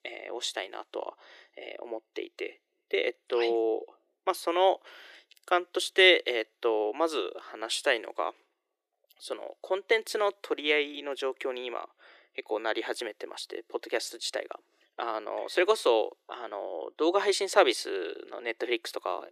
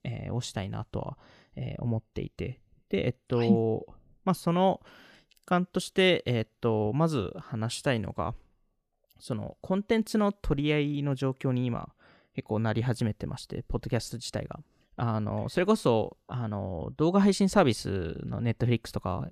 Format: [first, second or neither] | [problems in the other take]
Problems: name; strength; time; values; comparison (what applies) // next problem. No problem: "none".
second | thin; very; fading below 350 Hz